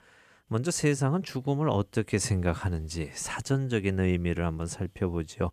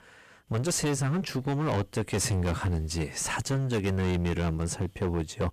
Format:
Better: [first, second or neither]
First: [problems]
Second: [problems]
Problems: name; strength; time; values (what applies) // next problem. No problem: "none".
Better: first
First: none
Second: distortion; heavy; 20% of the sound clipped